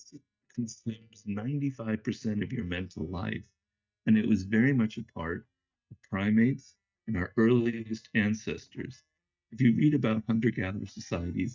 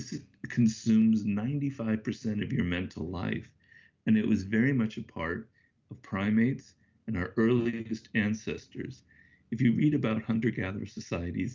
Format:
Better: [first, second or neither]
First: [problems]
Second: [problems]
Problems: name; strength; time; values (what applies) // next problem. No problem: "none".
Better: second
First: noise reduction (neural mask model DeepFilterNet 3)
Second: none